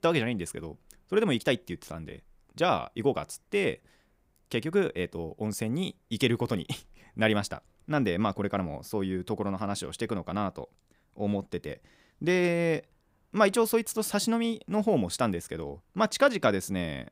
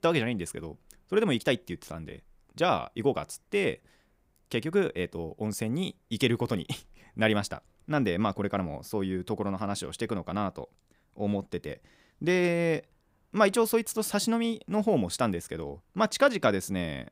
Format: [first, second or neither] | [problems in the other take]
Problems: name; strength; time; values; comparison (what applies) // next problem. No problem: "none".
neither | none